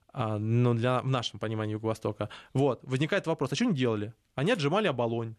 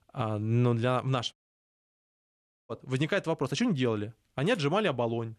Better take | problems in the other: first | audio cutting out; at 1.5 s for 1.5 s

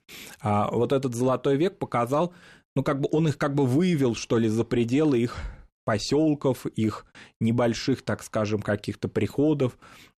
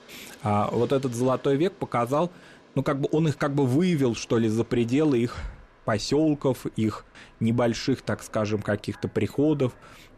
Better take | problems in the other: first | train or aircraft noise; faint; throughout; 25 dB below the speech

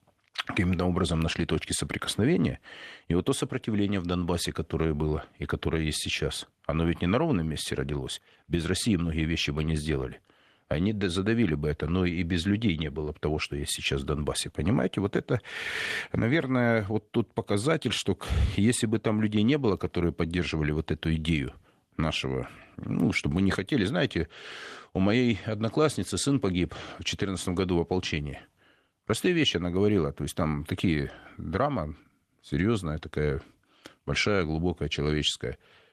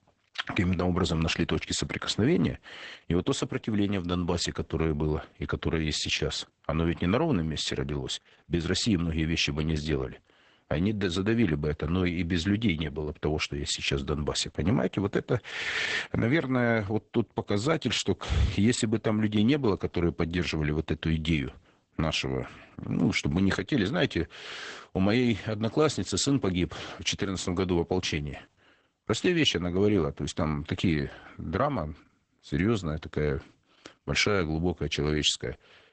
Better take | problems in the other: first | garbled, watery; badly; nothing above 8 kHz; slightly in the first

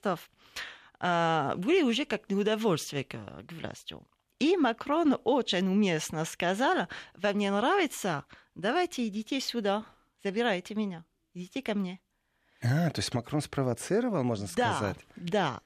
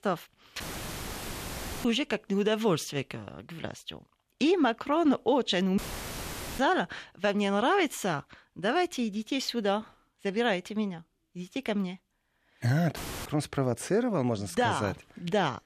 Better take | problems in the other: first | audio cutting out; filled with static; at 0.5 s for 1.5 s, at 6 s for 1 s and at 13 s

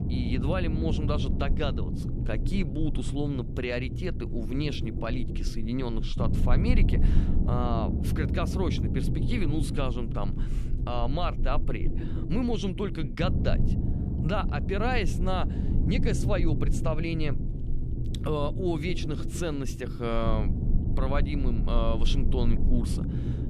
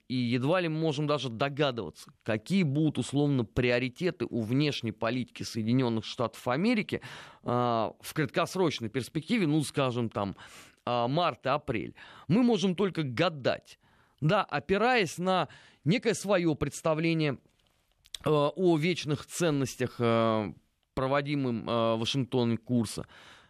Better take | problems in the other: second | low rumble; loud; throughout; 7 dB below the speech

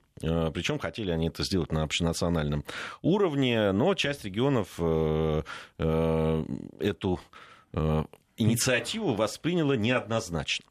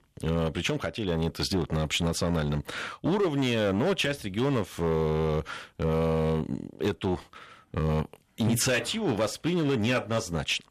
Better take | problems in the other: first | distortion; slight; 9% of the sound clipped

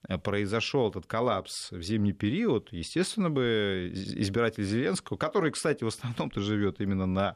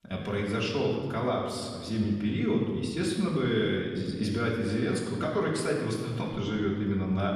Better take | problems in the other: first | off-mic speech; far // room echo; noticeable; dies away in 1.6 s

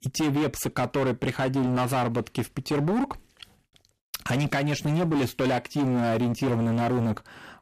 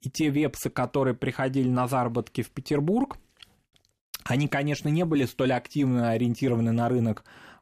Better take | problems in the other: second | distortion; slight; 24% of the sound clipped

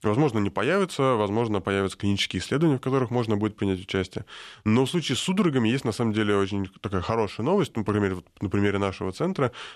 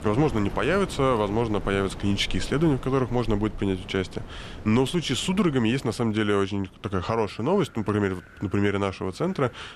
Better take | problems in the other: first | wind in the background; noticeable; throughout; 15 dB below the speech

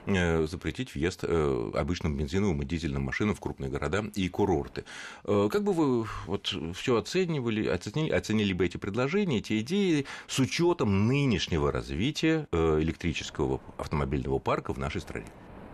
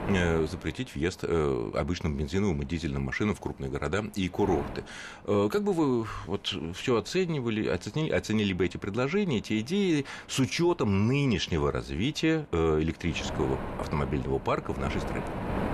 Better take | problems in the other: first | wind noise on the microphone; heavy; 8 dB below the speech; occasional gusts in the first

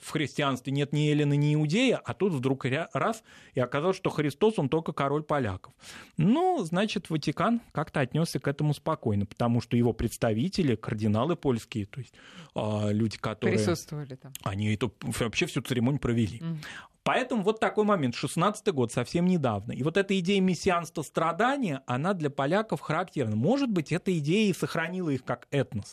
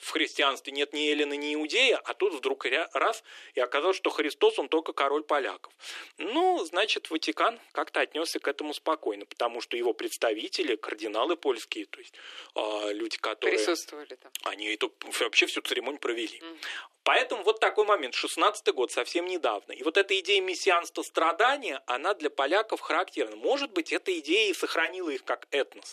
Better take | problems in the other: first | thin; very; fading below 300 Hz

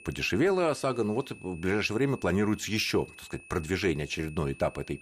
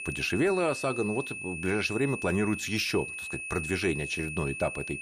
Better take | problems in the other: first | high-pitched whine; loud; throughout; 2.5 kHz, 6 dB below the speech; faint in the first

